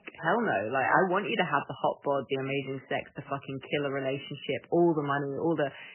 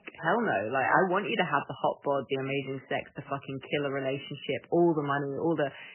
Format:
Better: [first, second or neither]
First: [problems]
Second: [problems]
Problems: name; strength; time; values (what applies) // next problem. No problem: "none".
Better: neither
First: garbled, watery; badly; nothing above 3 kHz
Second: garbled, watery; badly; nothing above 3 kHz